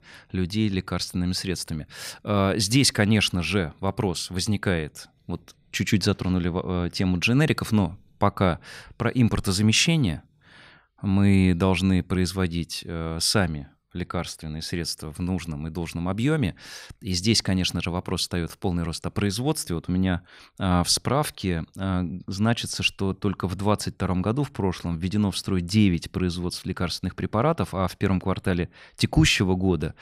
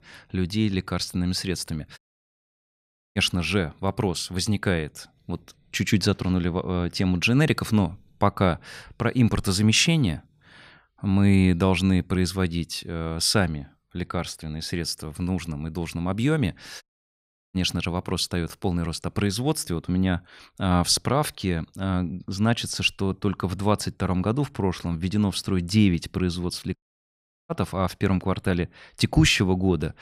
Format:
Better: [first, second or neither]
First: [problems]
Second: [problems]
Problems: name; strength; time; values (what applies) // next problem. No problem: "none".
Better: first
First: none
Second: audio cutting out; at 2 s for 1 s, at 17 s for 0.5 s and at 27 s for 0.5 s